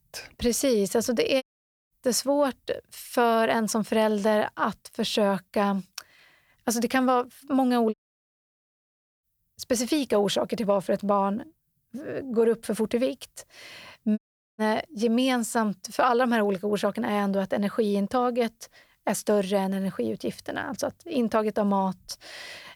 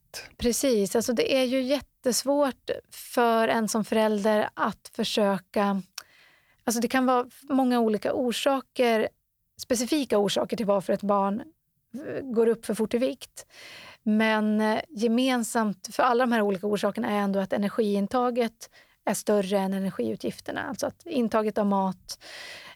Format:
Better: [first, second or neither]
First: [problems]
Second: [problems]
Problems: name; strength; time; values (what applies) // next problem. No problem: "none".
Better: second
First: audio cutting out; at 1.5 s, at 8 s for 1.5 s and at 14 s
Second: none